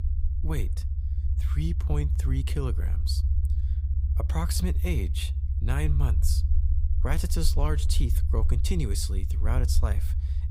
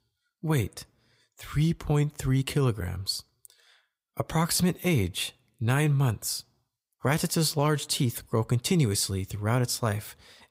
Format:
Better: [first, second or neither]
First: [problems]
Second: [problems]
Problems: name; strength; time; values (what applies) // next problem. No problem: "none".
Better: second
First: low rumble; loud; throughout; 9 dB below the speech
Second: none